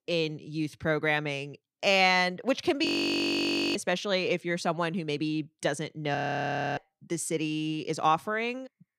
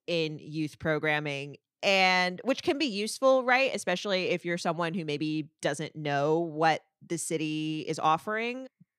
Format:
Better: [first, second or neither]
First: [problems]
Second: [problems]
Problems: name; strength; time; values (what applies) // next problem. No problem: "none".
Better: second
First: audio freezing; at 3 s for 1 s and at 6 s for 0.5 s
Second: none